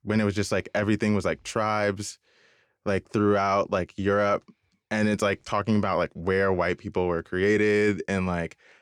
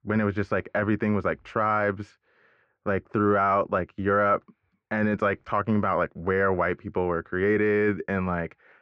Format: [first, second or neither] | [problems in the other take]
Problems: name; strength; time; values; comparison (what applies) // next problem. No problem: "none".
first | muffled; very; fading above 1.5 kHz